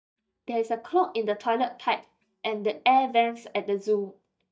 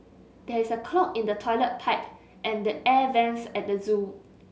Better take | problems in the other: second | noise reduction (neural mask model DeepFilterNet 3)

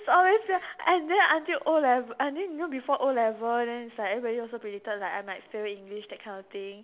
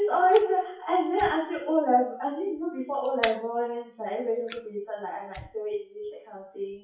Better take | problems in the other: first | noise reduction (classical method WPE with log-MMSE)

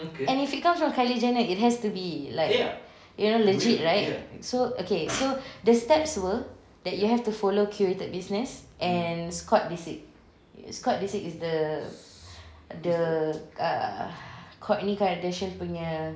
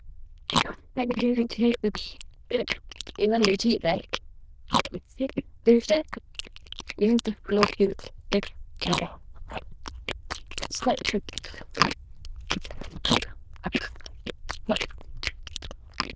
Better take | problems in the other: first | noise reduction (neural diffusion model UNIVERSE++)

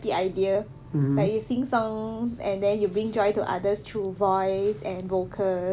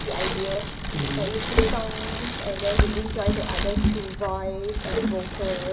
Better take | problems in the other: first | background sound (Bicycle); 4 dB above the speech // room echo; dies away in 1.7 s

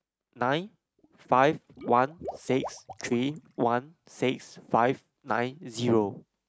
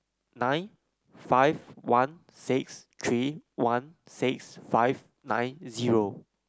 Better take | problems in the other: second | noise reduction (neural mask model RNNoise)

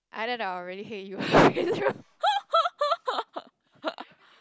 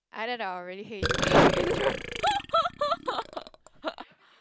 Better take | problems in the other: first | background sound (Burping, eructation); 4 dB below the speech

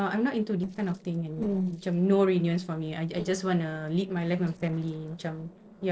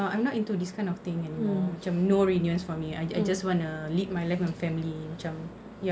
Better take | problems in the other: second | noise reduction (neural separator model SepFormer DNS4)

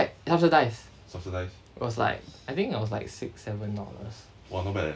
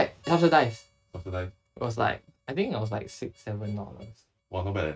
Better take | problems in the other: first | noise reduction (neural mask model RNNoise)

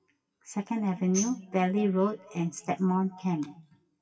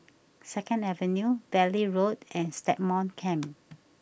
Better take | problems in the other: second | noise reduction (classical method WPE with log-MMSE)

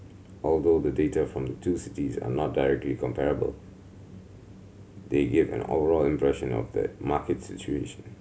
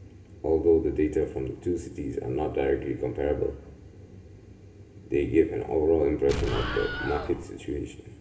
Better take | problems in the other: first | background sound (Explosion); 4 dB below the speech // room echo; dies away in 1.7 s

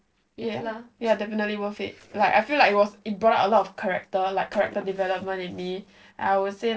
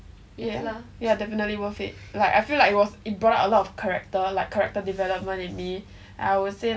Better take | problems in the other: second | noise reduction (neural separator model SepFormer DNS4)

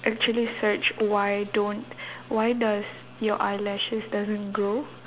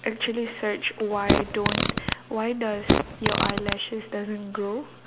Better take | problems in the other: first | background sound (Fart); 4 dB above the speech

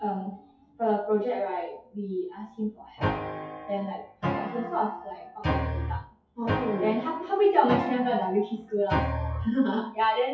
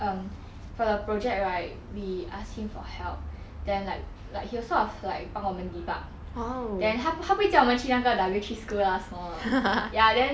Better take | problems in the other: second | noise reduction (classical method WPE with log-MMSE)

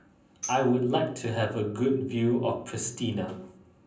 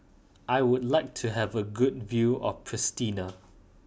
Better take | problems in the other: second | background sound (Tambourine); 16 dB below the speech // room echo; dies away in 0.6 s

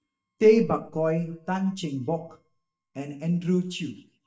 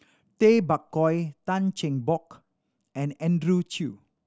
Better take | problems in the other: second | noise reduction (neural mask model DeepFilterNet 3)

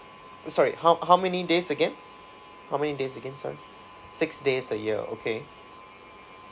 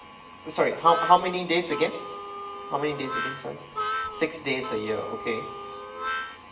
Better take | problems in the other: first | background sound (Harmonica); 6 dB below the speech // room echo; dies away in 0.9 s

